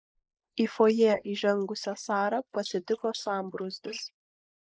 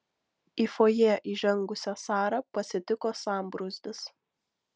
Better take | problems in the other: second | noise reduction (neural mask model Resemble Enhance denoiser)

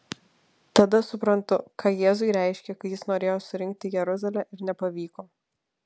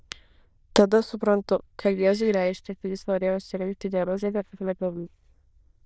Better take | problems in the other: first | noise reduction (neural diffusion model UNIVERSE++)

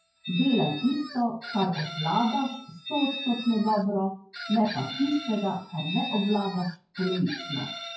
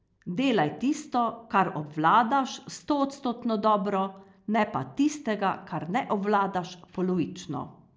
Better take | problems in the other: second | noise reduction (classical method WPE with log-MMSE)

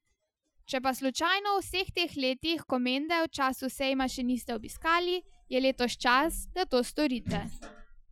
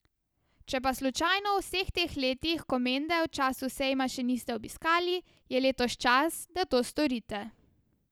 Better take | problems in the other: second | noise reduction (classical method Wiener filter)

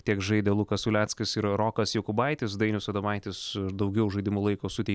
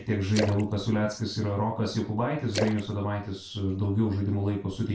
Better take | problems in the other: first | background sound (Splash, splatter); 11 dB below the speech // room echo; dies away in 0.3 s

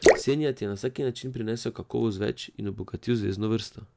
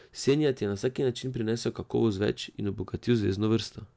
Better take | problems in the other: second | background sound (Drip / Splash, splatter); 2 dB above the speech

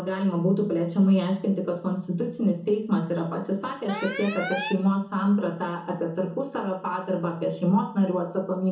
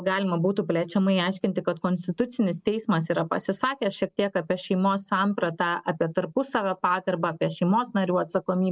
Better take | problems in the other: second | background sound (Alarm); 10 dB below the speech // room echo; dies away in 0.7 s

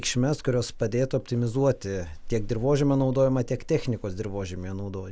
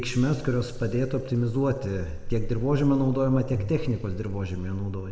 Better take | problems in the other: first | background sound (Bowed string instrument); 12 dB below the speech // room echo; dies away in 1.8 s

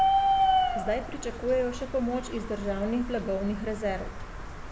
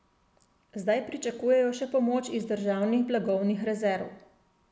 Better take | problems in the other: second | background sound (Bird); 2 dB above the speech

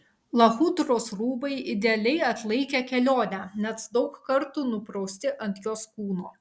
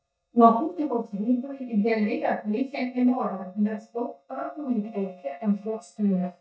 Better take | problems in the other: first | noise reduction (neural mask model DeepFilterNet 3)

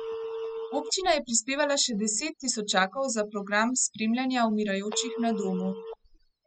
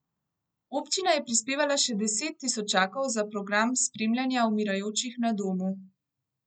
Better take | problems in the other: second | noise reduction (classical method spectral subtraction)

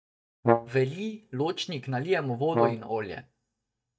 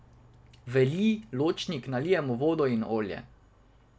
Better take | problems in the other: second | noise reduction (neural mask model DeepFilterNet 3)

